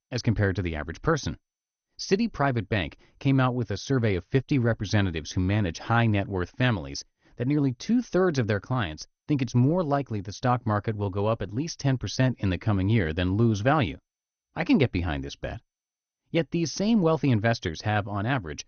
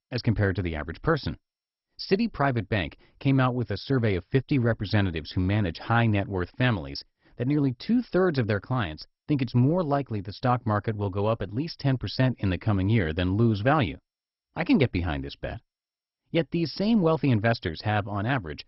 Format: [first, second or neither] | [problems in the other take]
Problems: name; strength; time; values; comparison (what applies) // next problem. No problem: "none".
first | garbled, watery; badly; nothing above 5.5 kHz; slightly in the first